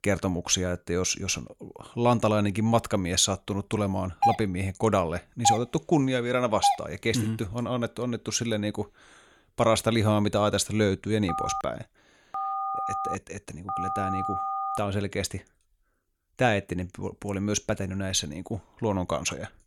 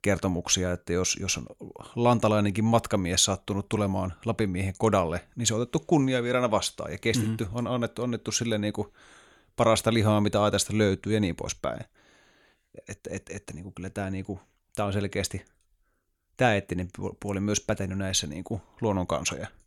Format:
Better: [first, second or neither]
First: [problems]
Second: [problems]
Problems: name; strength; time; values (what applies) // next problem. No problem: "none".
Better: second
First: doorbell; loud; from 4 to 7 s; peak 2 dB above the speech // phone ringing; noticeable; from 11 to 15 s; peak 3 dB below the speech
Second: none